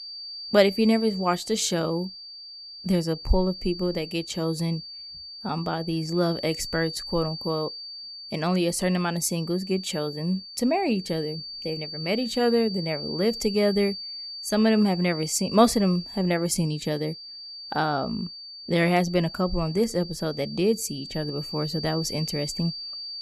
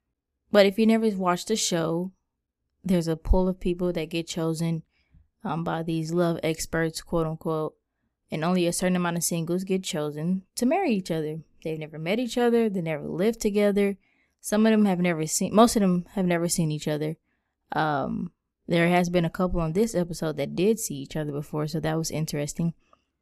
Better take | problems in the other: second | high-pitched whine; loud; throughout; 4.5 kHz, 10 dB below the speech

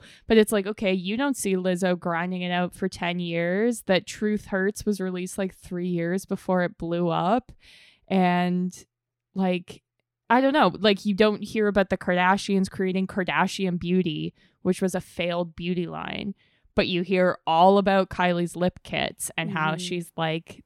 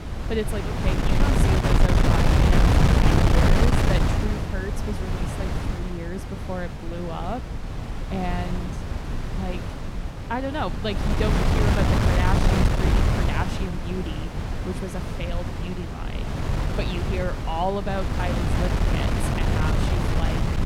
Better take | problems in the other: first | wind noise on the microphone; heavy; 3 dB above the speech

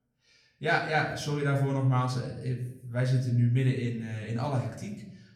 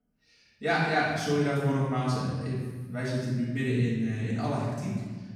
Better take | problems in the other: first | room echo; strong; dies away in 1.5 s; slight in the first // off-mic speech; far; far in the first

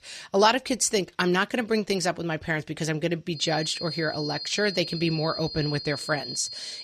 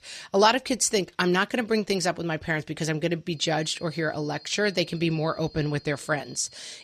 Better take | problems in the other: second | high-pitched whine; loud; from 3.5 s on; 4.5 kHz, 7 dB below the speech; faint in the second

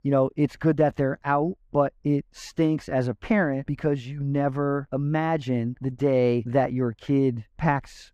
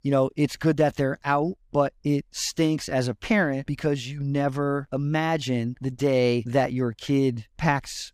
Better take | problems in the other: second | muffled; slightly; fading above 2.5 kHz

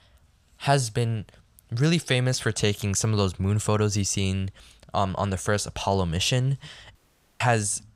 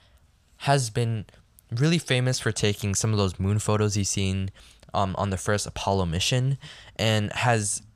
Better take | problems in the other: second | audio cutting out; at 7 s

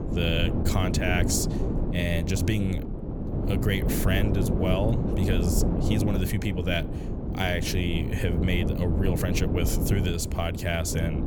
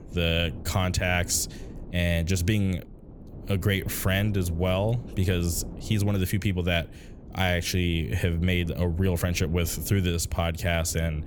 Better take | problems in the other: second | wind noise on the microphone; heavy; 5 dB below the speech; occasional gusts in the second

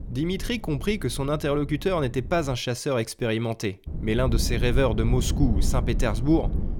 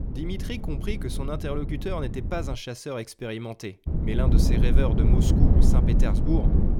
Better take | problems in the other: first | wind noise on the microphone; heavy; until 2.5 s and from 4 s on; 1 dB below the speech; occasional gusts in the first

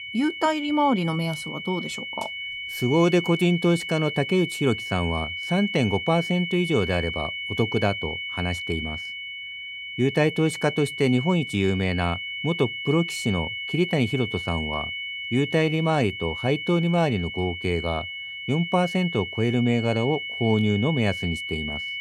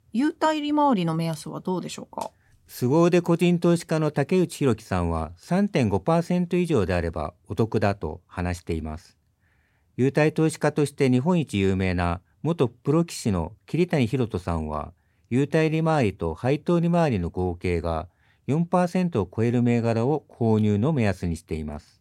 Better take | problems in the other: second | high-pitched whine; loud; throughout; 2 kHz, 6 dB below the speech

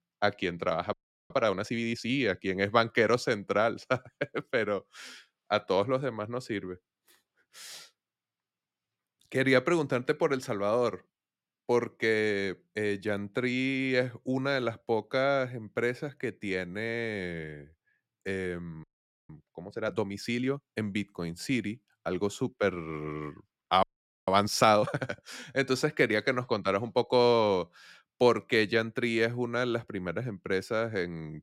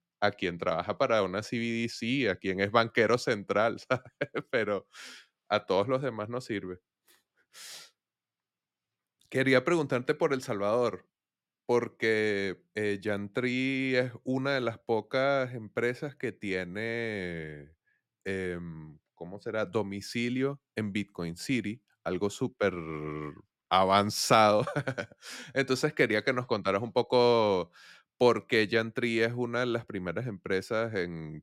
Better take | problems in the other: second | audio freezing; at 1 s, at 19 s and at 24 s

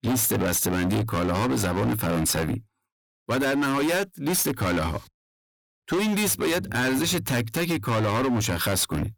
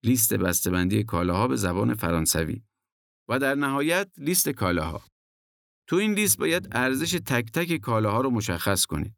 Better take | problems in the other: second | distortion; heavy; 29% of the sound clipped

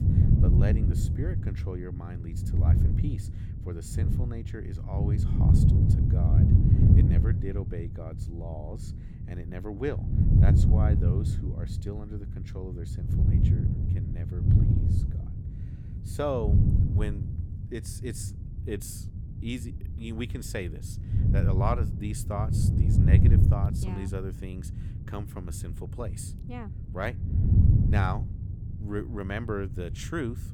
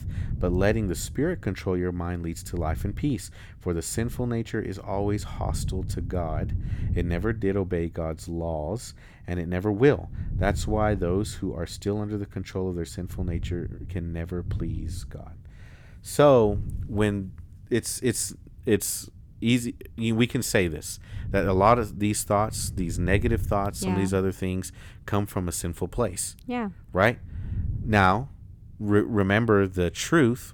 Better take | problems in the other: second | wind noise on the microphone; heavy; as loud as the speech; occasional gusts in the second

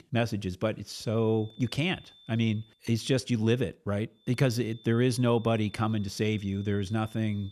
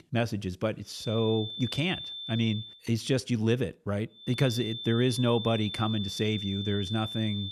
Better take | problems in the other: first | high-pitched whine; loud; from 1 to 2.5 s and from 4.5 s on; 3.5 kHz, 7 dB below the speech; faint in the first

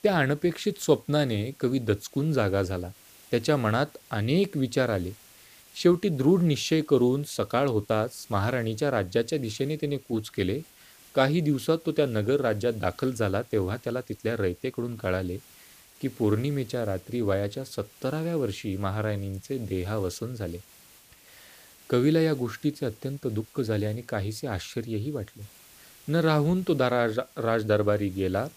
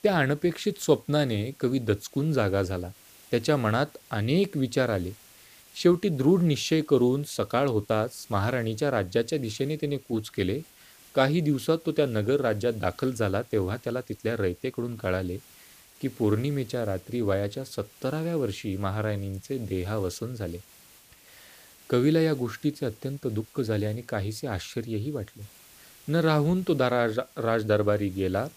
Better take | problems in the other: neither | hiss; faint; throughout; 25 dB below the speech; the same in both

